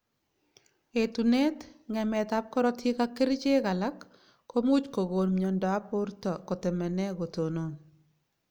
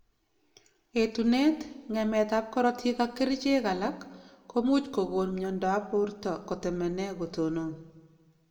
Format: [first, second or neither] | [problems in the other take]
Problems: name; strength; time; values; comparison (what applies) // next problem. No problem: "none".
first | room echo; dies away in 1.1 s